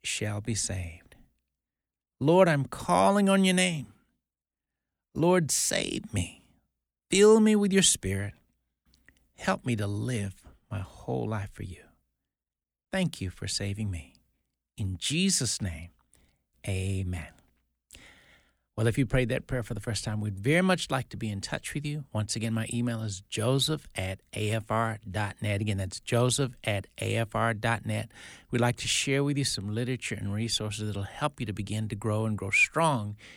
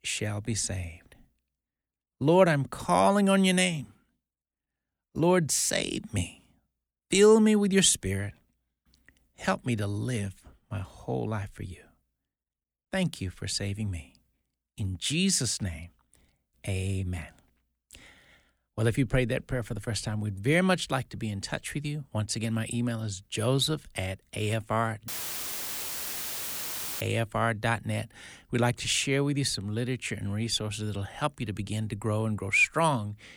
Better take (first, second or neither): first